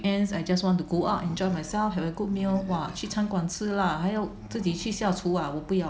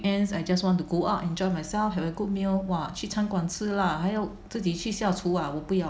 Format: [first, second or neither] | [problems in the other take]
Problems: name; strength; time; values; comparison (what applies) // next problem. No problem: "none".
second | background sound (Animal); 19 dB below the speech